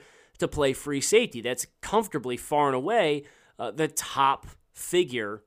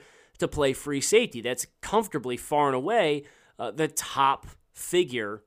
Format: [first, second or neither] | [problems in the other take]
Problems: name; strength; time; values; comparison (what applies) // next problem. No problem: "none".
neither | none